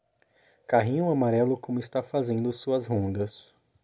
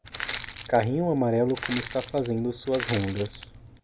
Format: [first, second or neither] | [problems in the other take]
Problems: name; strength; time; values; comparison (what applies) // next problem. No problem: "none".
first | background sound (Crushing); 10 dB below the speech